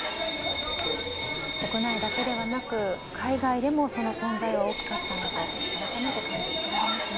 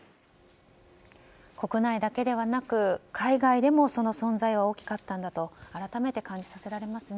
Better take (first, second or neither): second